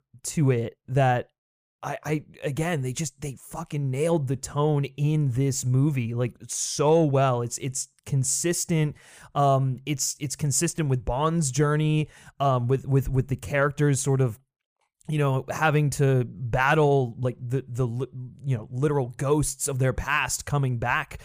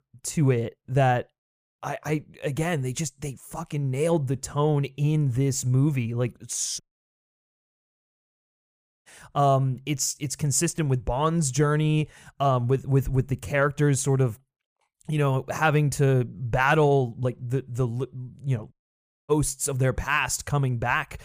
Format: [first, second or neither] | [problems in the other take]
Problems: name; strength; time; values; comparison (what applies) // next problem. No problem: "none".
first | audio cutting out; at 7 s for 2.5 s and at 19 s for 0.5 s